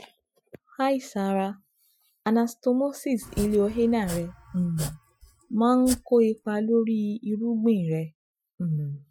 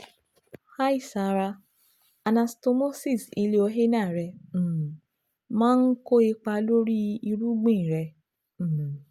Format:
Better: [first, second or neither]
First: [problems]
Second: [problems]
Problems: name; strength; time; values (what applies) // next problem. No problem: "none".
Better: second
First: noise reduction (classical method Wiener filter)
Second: none